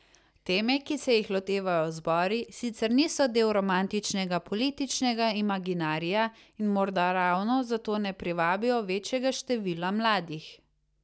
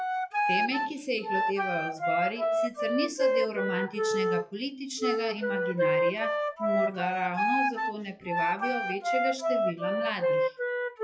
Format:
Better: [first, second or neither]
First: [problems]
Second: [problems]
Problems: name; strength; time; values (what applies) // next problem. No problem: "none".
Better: first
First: none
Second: noise reduction (classical method WPE with log-MMSE)